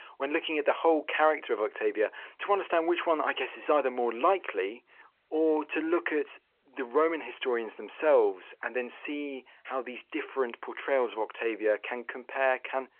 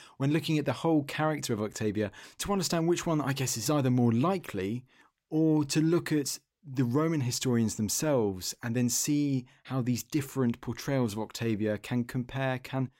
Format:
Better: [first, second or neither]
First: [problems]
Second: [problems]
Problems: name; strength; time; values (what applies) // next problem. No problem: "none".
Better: second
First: phone-call audio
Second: none